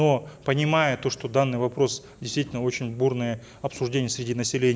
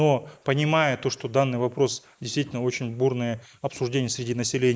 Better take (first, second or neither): first